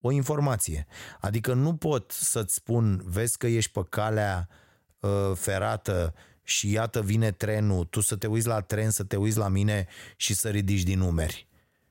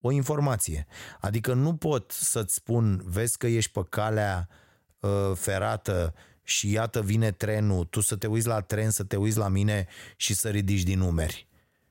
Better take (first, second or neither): neither